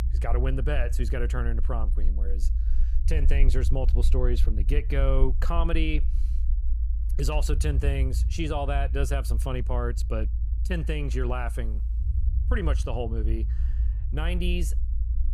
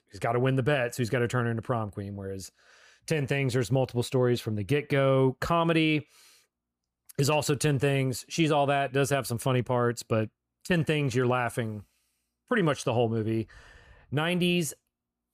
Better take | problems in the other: second | low rumble; noticeable; throughout; 15 dB below the speech

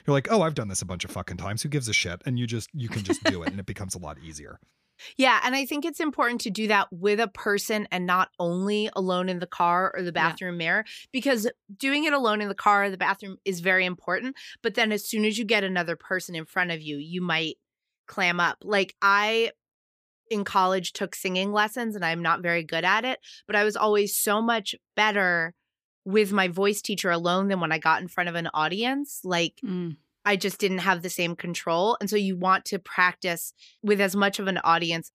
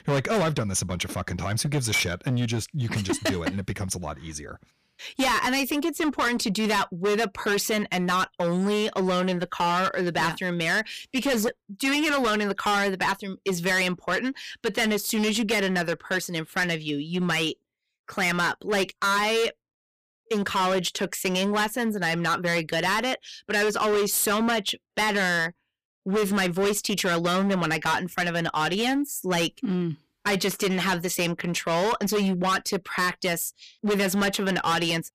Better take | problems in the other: first | distortion; heavy; 17% of the sound clipped

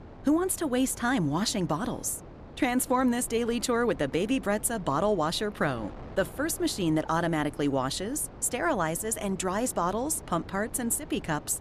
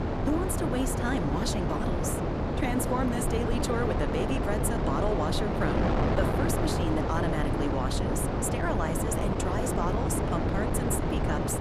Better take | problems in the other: first | wind noise on the microphone; heavy; 1 dB above the speech; occasional gusts in the first

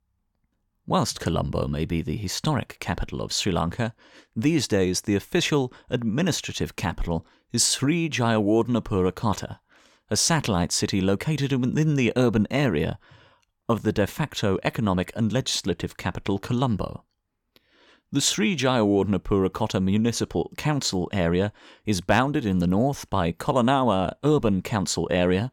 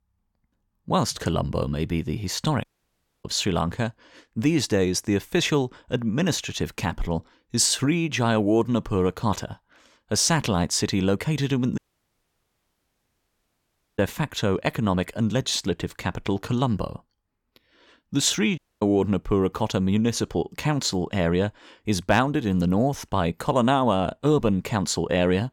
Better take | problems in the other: first | audio cutting out; at 2.5 s for 0.5 s, at 12 s for 2 s and at 19 s

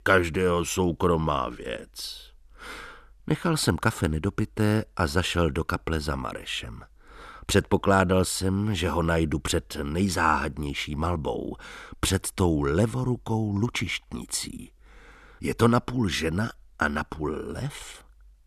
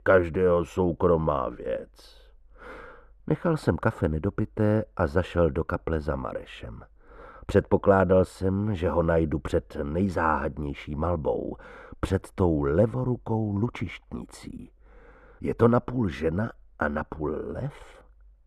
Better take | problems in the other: first | muffled; very; fading above 2.5 kHz

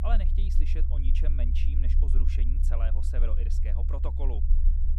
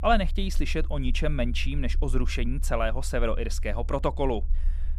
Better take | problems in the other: second | low rumble; loud; throughout; 4 dB below the speech; faint in the second

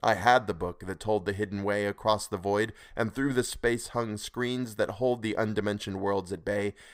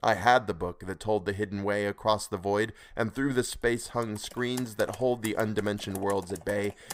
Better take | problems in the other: first | household noises; noticeable; from 4 s on; 15 dB below the speech

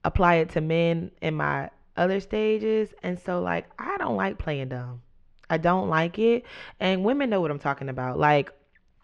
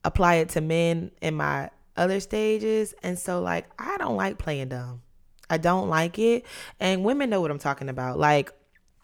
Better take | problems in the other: second | muffled; slightly; fading above 3.5 kHz

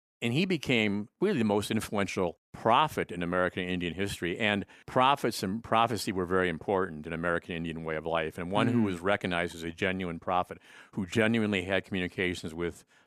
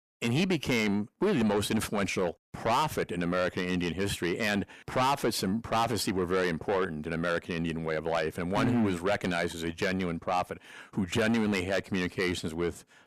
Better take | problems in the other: first | distortion; heavy; 6 dB below the speech

